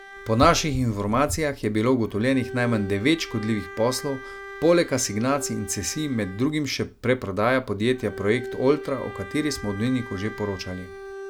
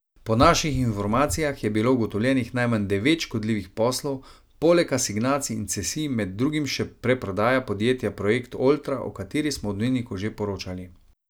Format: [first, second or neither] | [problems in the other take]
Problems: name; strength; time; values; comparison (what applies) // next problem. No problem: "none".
second | background sound (Bowed string instrument); 15 dB below the speech